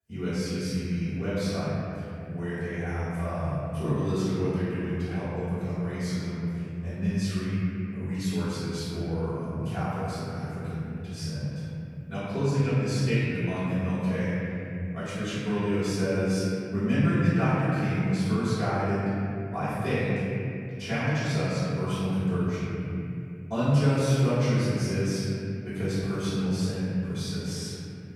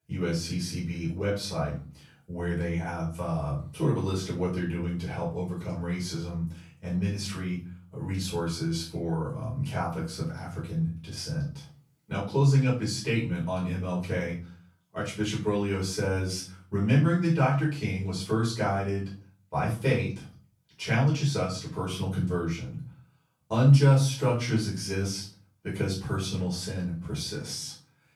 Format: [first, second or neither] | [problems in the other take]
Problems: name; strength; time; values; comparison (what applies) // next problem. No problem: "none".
second | room echo; strong; dies away in 2.9 s; slight in the second // off-mic speech; far; far in the second